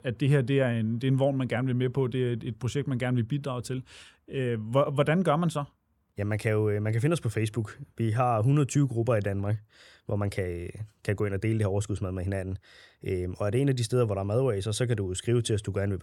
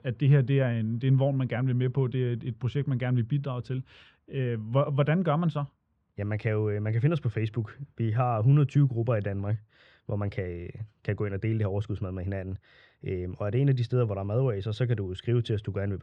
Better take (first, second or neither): first